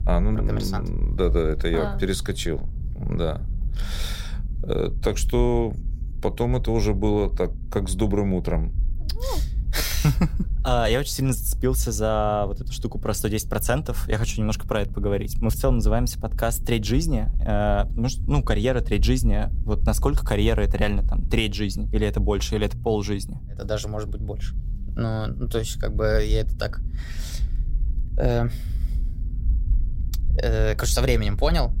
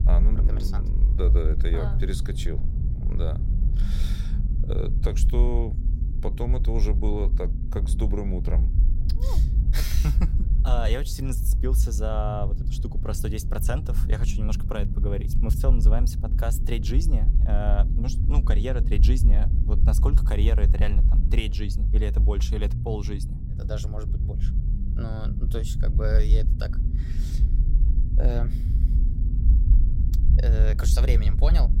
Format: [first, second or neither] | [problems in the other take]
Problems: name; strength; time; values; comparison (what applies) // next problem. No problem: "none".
first | low rumble; loud; throughout; 7 dB below the speech; faint in the first